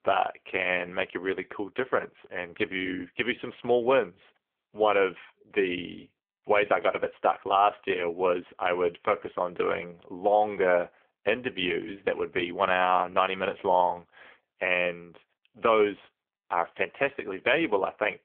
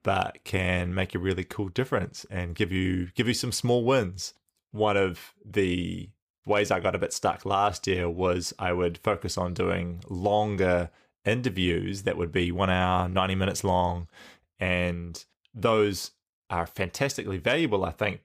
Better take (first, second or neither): second